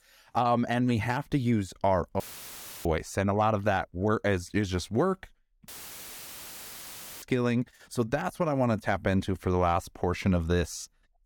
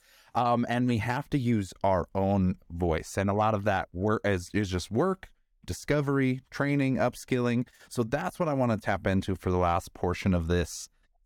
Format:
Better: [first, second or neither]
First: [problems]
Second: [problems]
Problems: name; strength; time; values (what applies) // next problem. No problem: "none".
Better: second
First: audio cutting out; filled with static; at 2 s for 0.5 s and at 5.5 s for 1.5 s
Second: none